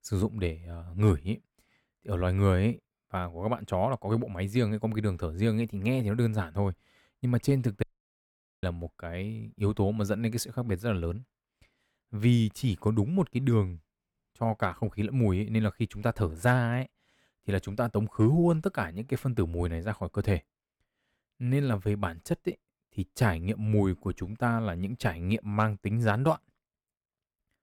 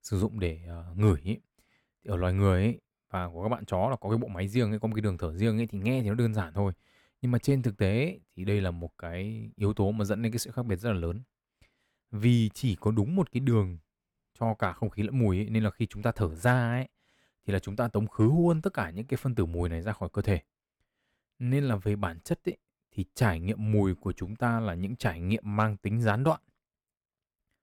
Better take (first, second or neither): second